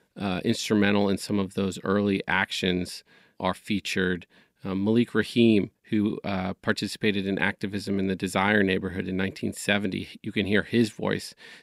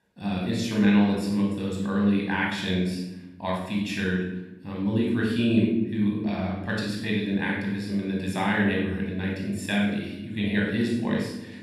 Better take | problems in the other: first | off-mic speech; far // room echo; noticeable; dies away in 0.9 s

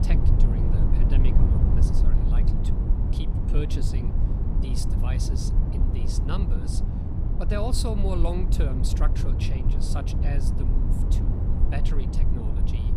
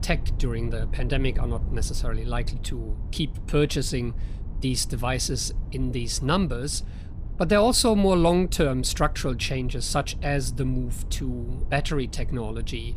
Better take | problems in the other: second | low rumble; loud; throughout; 1 dB below the speech; faint in the second

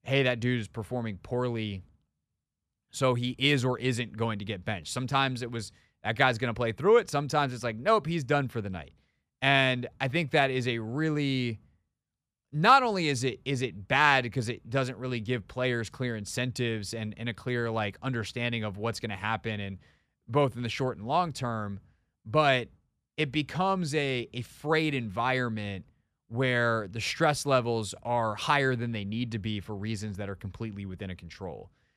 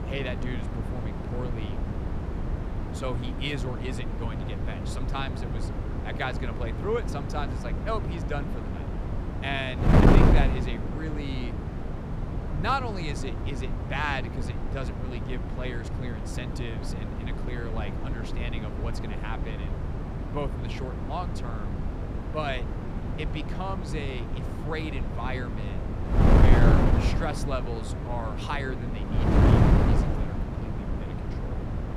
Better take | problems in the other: first | wind noise on the microphone; heavy; as loud as the speech

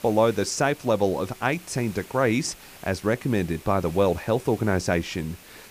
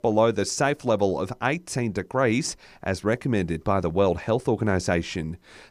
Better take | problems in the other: second | hiss; faint; throughout; 20 dB below the speech

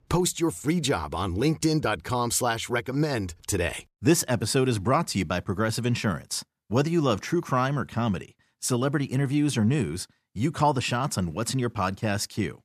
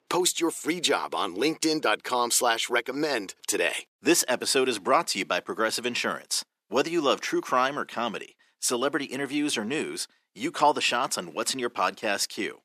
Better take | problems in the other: first | thin; somewhat; fading below 350 Hz

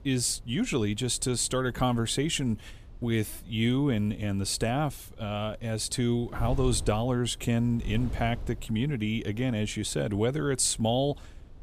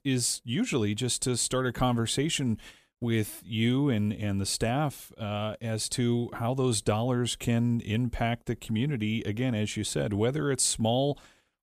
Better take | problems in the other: second | wind noise on the microphone; occasional gusts; 25 dB below the speech

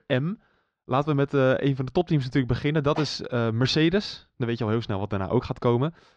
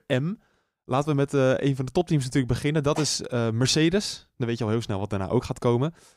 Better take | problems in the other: second | muffled; very slightly; fading above 4.5 kHz

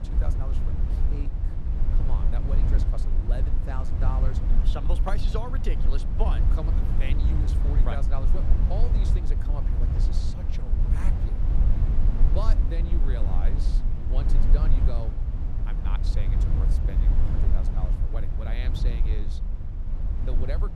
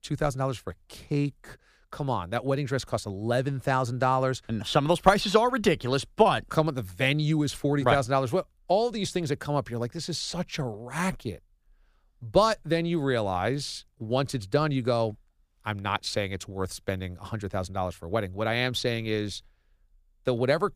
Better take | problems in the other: second | low rumble; loud; throughout; 2 dB below the speech

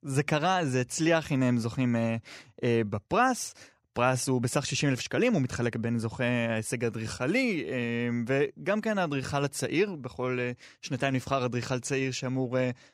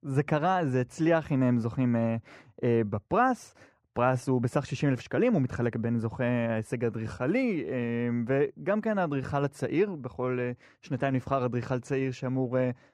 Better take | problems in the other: first | muffled; slightly; fading above 2.5 kHz

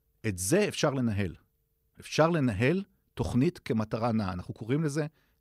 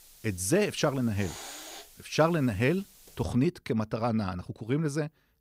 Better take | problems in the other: first | hiss; noticeable; until 3 s; 15 dB below the speech

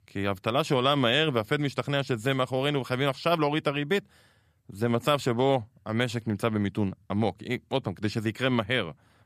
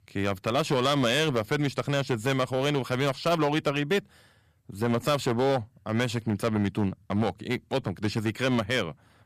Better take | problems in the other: first | distortion; slight; 6% of the sound clipped

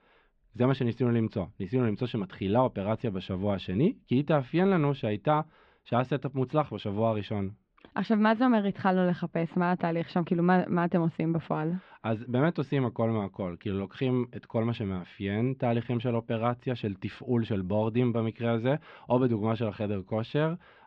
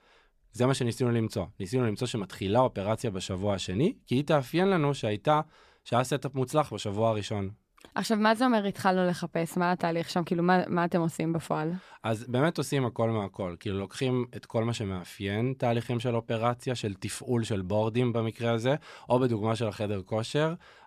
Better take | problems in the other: second | muffled; slightly; fading above 3.5 kHz

